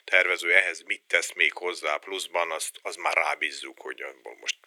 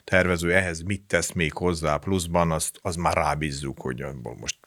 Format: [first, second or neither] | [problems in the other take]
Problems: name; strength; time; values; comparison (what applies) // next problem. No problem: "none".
second | thin; very; fading below 350 Hz